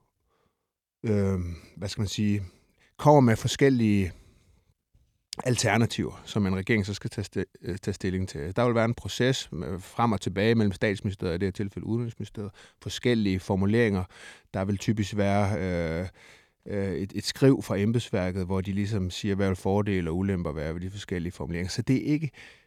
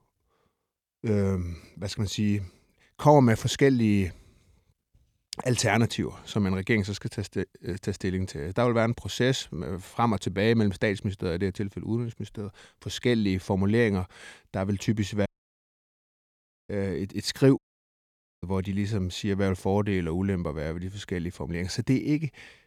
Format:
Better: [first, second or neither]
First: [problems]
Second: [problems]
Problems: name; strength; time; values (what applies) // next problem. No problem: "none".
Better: first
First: none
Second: audio cutting out; at 15 s for 1.5 s and at 18 s for 1 s